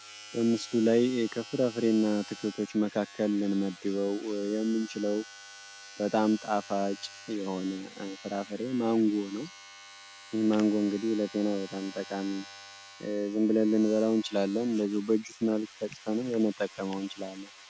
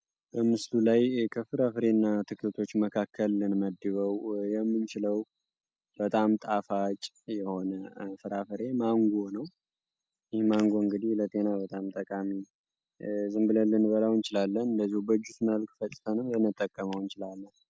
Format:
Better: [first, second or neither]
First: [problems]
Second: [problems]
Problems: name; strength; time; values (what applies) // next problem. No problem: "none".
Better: second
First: background sound (Domestic sounds, home sounds); 19 dB below the speech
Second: none